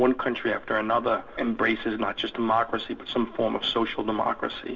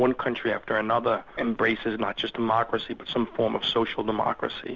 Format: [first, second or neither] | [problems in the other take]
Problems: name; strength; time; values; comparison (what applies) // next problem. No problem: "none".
second | room echo; dies away in 0.4 s